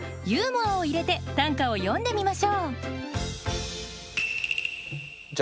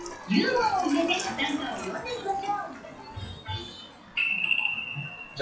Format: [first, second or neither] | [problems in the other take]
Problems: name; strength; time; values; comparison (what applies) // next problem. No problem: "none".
first | noise reduction (classical method WPE with log-MMSE)